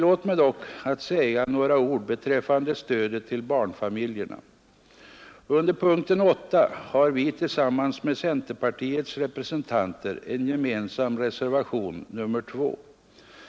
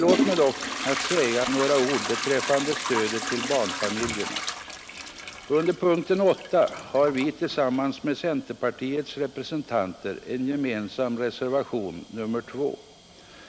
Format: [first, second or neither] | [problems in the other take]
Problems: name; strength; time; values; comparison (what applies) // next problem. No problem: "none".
first | background sound (Trickle, dribble / Toilet flush / Hiss); 7 dB below the speech